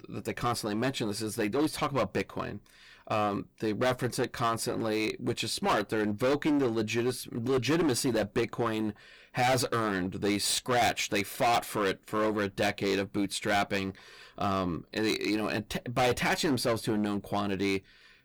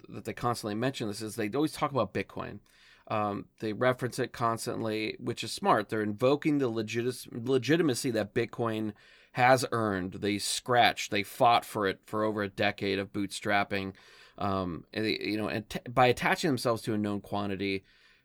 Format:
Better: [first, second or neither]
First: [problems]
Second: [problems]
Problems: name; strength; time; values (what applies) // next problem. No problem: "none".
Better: second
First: distortion; heavy; 12% of the sound clipped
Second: none